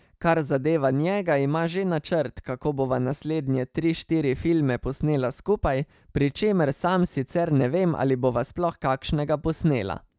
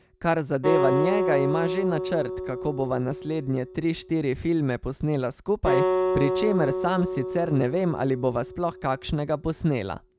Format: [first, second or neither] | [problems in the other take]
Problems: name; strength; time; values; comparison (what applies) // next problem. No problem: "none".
first | background sound (Acoustic guitar); 3 dB below the speech